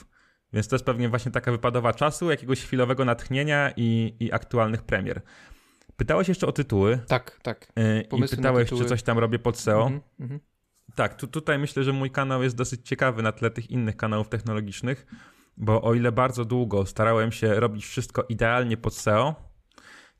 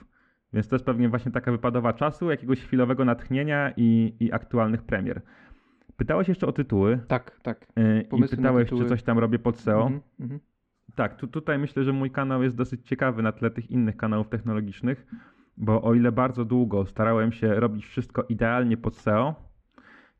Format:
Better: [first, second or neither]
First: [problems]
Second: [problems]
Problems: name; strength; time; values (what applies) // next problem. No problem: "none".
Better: first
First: none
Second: muffled; very; fading above 2 kHz